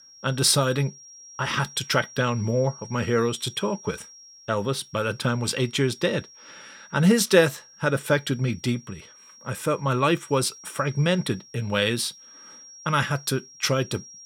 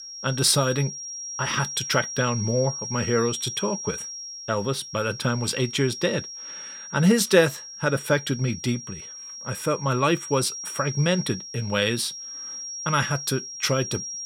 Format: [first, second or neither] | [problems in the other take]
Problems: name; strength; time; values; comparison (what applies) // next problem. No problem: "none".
first | high-pitched whine; loud; throughout; 5.5 kHz, 9 dB below the speech; faint in the first